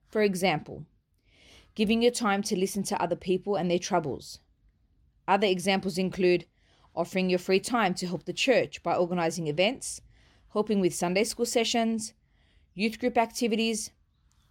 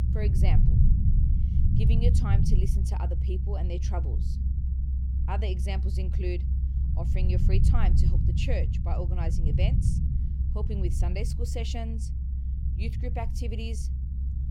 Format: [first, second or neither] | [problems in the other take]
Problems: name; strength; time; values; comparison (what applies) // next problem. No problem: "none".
first | low rumble; loud; throughout; 3 dB below the speech